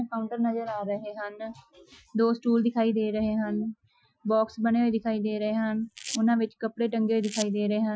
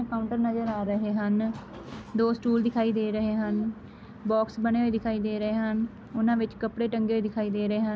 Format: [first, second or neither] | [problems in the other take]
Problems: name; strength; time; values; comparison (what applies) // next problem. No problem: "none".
second | noise reduction (classical method Wiener filter)